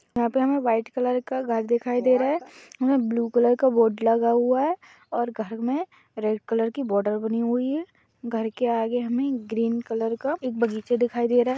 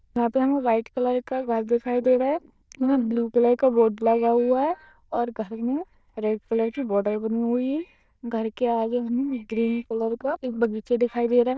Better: first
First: none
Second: noise reduction (neural diffusion model UNIVERSE++)

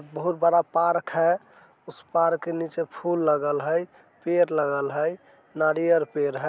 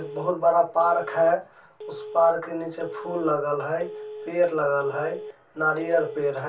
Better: first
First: none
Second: background sound (Telephone); 15 dB below the speech // room echo; dies away in 0.2 s

